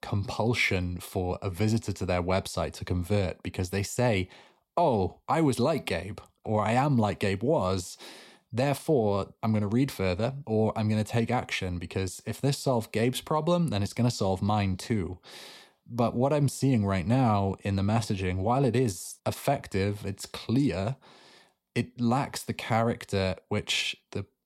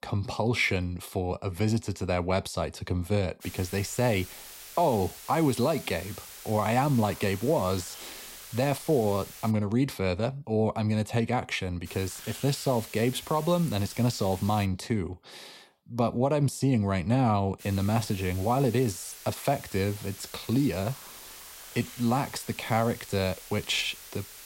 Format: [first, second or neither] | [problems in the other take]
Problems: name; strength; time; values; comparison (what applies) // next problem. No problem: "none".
first | hiss; noticeable; from 3.5 to 9.5 s, from 12 to 15 s and from 18 s on; 15 dB below the speech